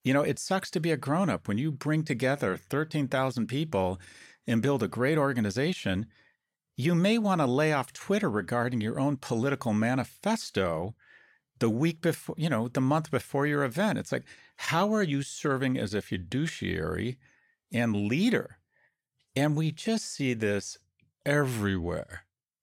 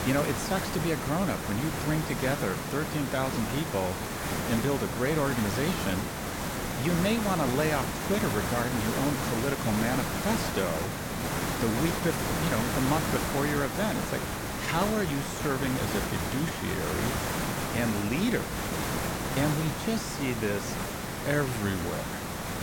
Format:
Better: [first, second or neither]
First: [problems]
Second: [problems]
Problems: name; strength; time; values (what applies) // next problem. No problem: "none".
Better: first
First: none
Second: hiss; loud; throughout; 1 dB below the speech